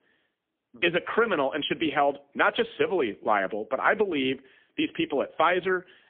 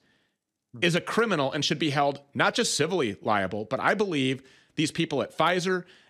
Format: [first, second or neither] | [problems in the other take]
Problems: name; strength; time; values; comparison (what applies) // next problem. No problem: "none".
second | phone-call audio; poor line; nothing above 3.5 kHz